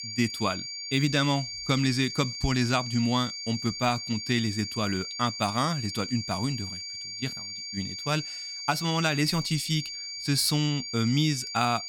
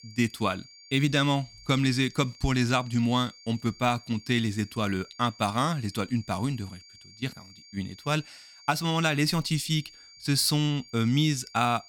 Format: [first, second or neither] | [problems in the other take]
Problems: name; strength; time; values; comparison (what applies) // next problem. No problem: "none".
second | high-pitched whine; loud; throughout; 4.5 kHz, 6 dB below the speech; faint in the second